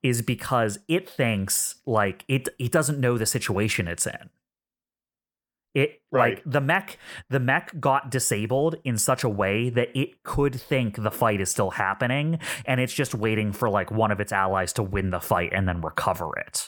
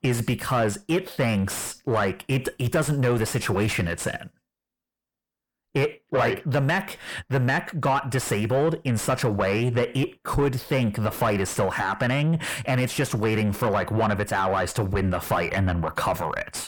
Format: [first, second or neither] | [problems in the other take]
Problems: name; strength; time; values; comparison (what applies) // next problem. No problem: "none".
first | distortion; heavy; 7 dB below the speech